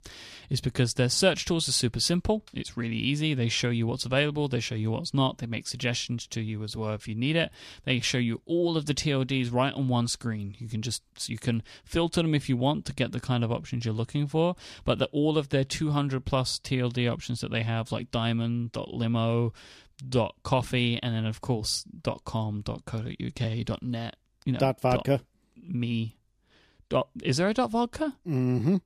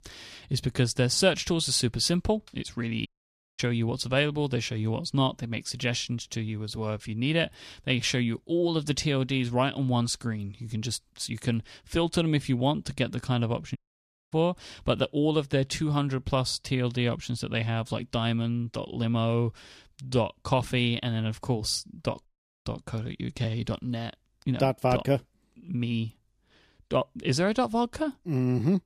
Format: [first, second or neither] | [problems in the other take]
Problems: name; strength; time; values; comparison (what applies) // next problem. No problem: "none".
first | audio cutting out; at 3 s for 0.5 s, at 14 s for 0.5 s and at 22 s